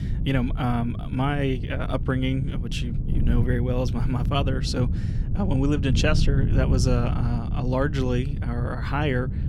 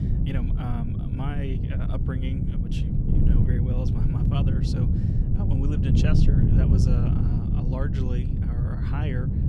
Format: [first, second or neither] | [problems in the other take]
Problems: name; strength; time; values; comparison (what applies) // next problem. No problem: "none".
first | wind noise on the microphone; heavy; 3 dB above the speech; occasional gusts in the first